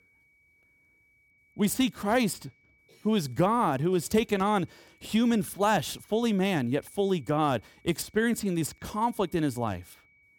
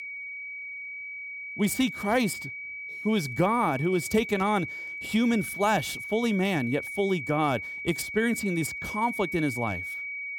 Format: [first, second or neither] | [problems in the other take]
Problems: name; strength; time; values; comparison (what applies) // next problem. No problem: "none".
first | high-pitched whine; loud; throughout; 2.5 kHz, 7 dB below the speech; faint in the first